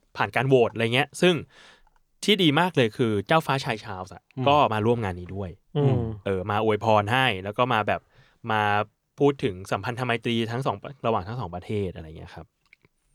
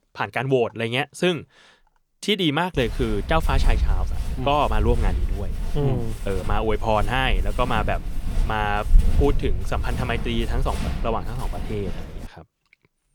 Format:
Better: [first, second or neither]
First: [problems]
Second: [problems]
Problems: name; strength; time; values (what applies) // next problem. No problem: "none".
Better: first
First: none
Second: footsteps; loud; from 3 to 12 s; peak 4 dB above the speech